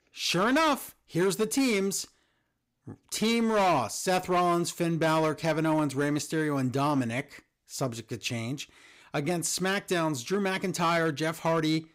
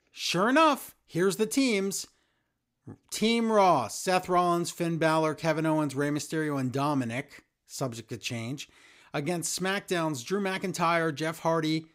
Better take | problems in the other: second | distortion; slight; 7% of the sound clipped

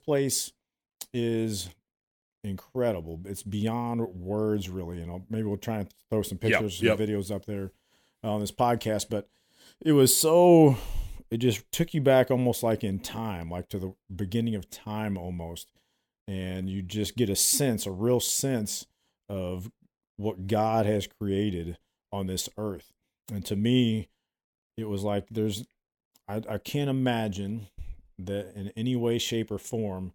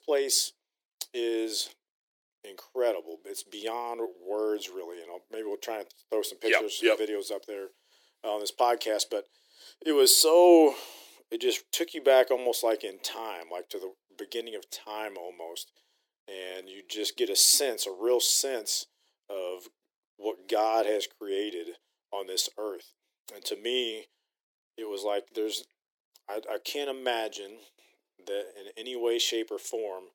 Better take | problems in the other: first | thin; very; fading below 350 Hz

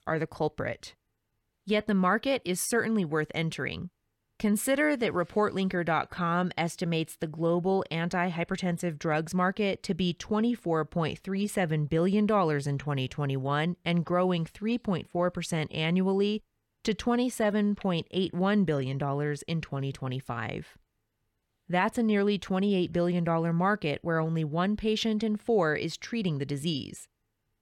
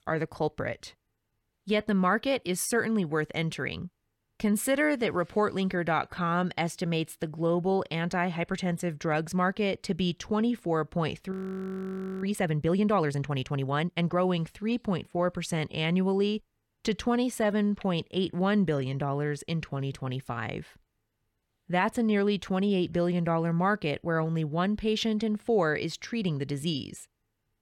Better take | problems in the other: first | audio freezing; at 11 s for 1 s

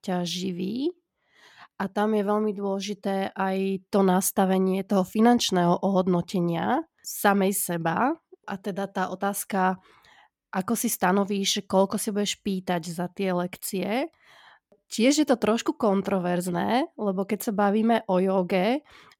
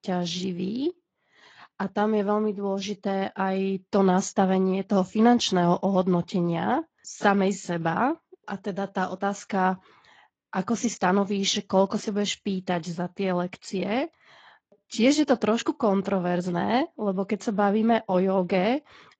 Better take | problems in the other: first | garbled, watery; slightly; nothing above 7.5 kHz

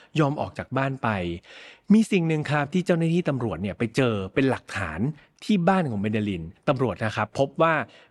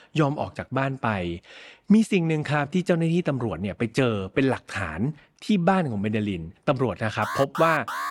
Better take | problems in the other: first | alarm; noticeable; at 7 s; peak 5 dB below the speech

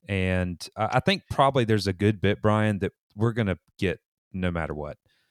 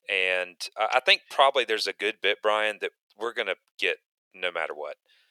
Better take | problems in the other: first | thin; very; fading below 500 Hz

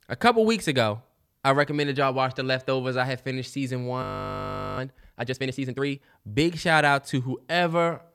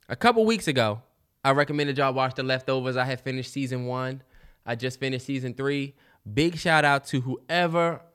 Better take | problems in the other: second | audio freezing; at 4 s for 1 s

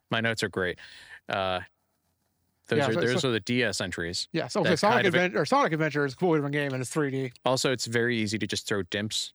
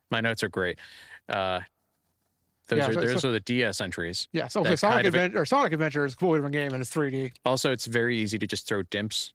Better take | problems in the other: first | garbled, watery; slightly

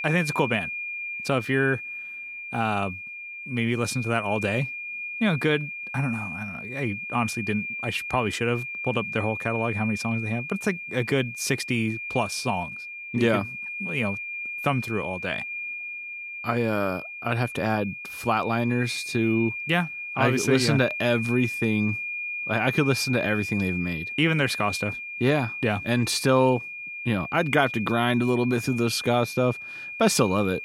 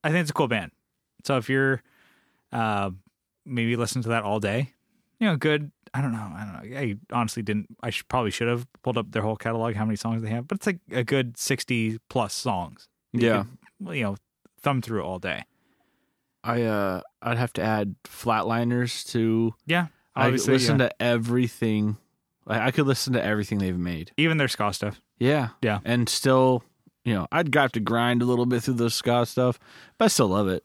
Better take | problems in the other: second | high-pitched whine; loud; throughout; 2.5 kHz, 6 dB below the speech

